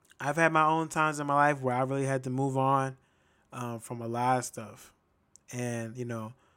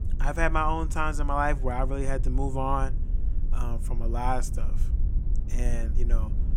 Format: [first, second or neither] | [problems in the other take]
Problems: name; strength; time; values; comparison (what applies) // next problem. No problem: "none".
first | low rumble; faint; throughout; 20 dB below the speech